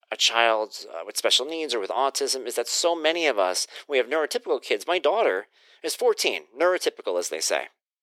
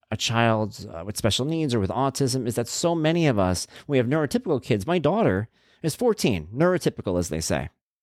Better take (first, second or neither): second